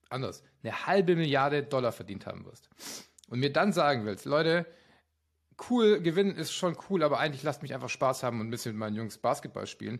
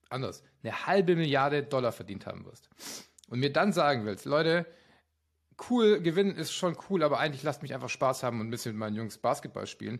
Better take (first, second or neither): neither